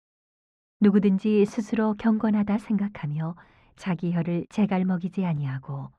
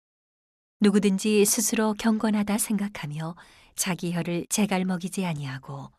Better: second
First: muffled; very; fading above 2 kHz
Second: none

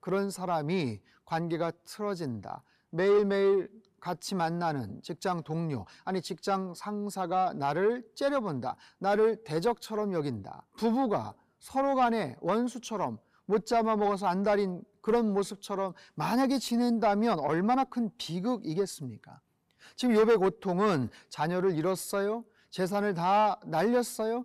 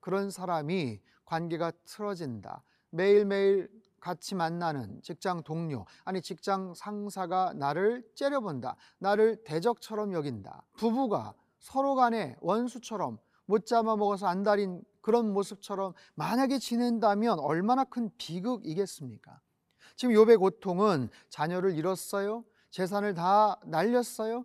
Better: second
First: distortion; slight; 10 dB below the speech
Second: none

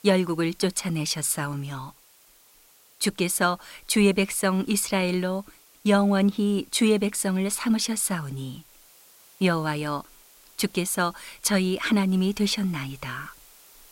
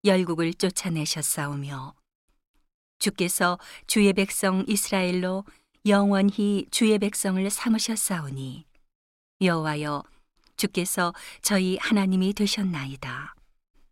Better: second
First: hiss; faint; throughout; 25 dB below the speech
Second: none

